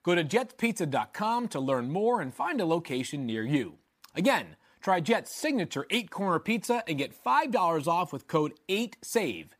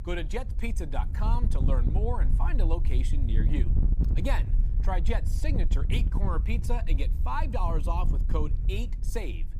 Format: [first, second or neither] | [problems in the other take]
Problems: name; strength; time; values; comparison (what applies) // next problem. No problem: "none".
first | wind noise on the microphone; heavy; 9 dB below the speech